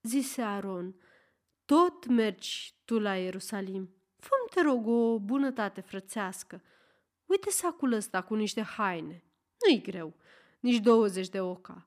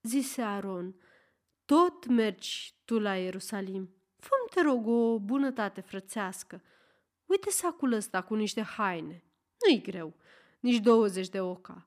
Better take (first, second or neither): neither